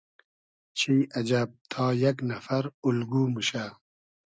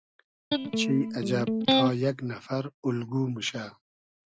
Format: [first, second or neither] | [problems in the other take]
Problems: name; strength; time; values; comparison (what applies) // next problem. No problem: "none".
first | background sound (Electric guitar); 3 dB above the speech